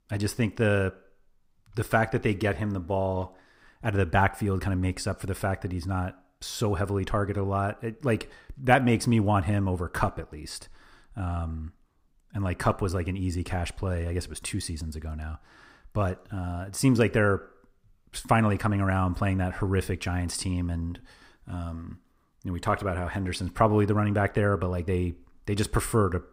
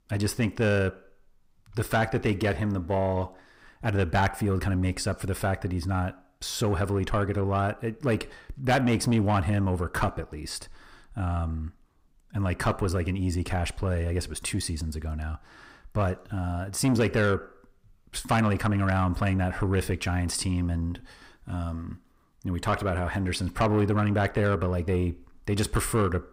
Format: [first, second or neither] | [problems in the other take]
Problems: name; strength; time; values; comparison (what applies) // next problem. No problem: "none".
first | distortion; slight; 10 dB below the speech